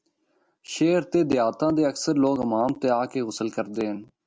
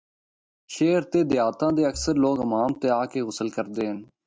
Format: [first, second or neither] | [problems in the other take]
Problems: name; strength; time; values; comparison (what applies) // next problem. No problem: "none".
first | noise reduction (neural mask model DeepFilterNet 3)